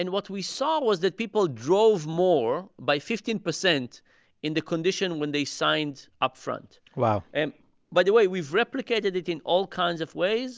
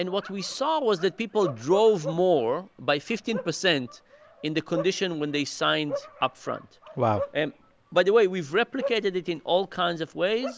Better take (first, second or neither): first